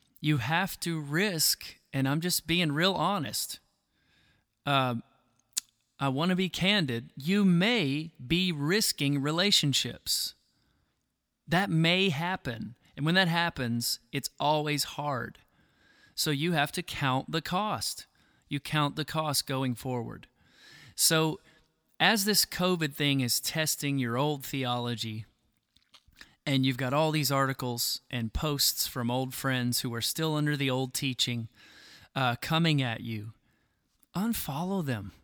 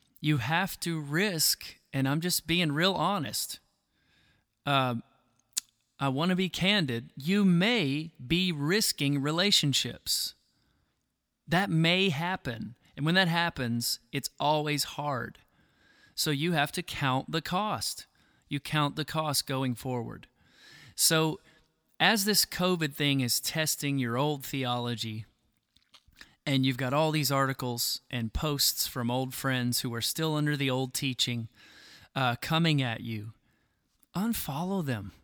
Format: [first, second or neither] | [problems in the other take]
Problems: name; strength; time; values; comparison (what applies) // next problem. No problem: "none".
neither | none